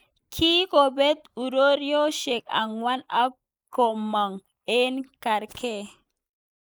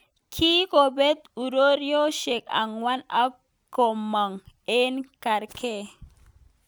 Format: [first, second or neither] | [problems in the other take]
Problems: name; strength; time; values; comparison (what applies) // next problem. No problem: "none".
second | noise reduction (neural mask model Resemble Enhance denoiser)